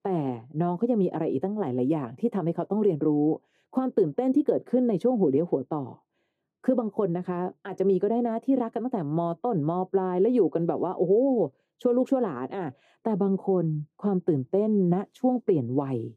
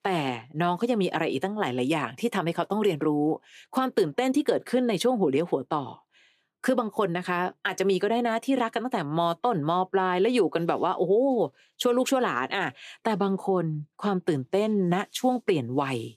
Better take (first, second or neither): second